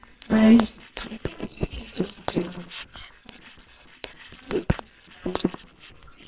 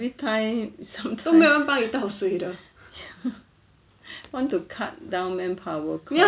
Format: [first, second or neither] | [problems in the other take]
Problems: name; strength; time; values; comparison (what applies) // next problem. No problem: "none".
second | noise reduction (neural separator model SepFormer WHAMR!)